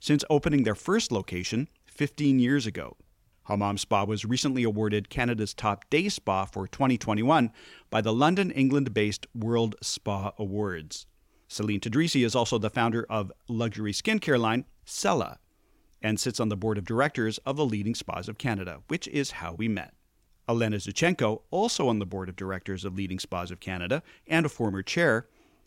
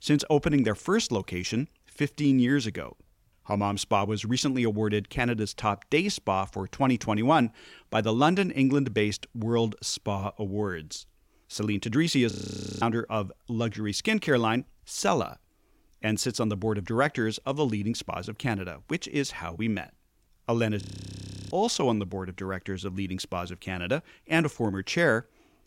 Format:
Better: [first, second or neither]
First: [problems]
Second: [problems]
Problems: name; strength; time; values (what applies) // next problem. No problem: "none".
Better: first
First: none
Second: audio freezing; at 12 s for 0.5 s and at 21 s for 0.5 s